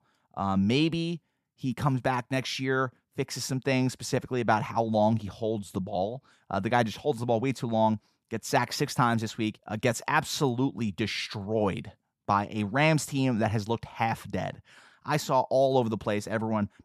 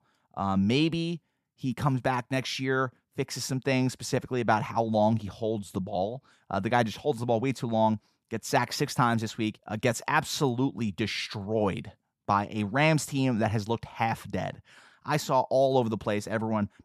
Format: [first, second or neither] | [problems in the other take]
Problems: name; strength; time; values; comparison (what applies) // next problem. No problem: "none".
neither | none